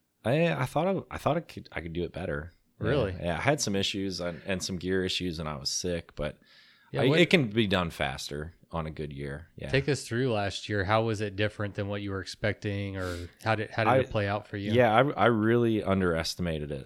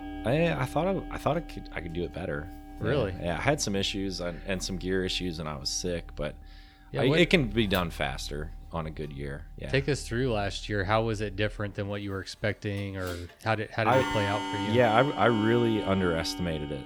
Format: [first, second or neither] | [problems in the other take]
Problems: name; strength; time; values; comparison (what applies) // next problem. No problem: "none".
first | household noises; noticeable; throughout; 10 dB below the speech